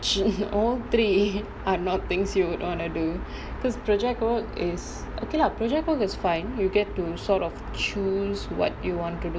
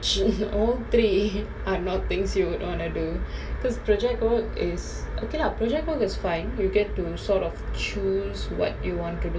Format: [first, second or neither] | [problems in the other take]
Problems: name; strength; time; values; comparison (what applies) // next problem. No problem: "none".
first | room echo; dies away in 0.2 s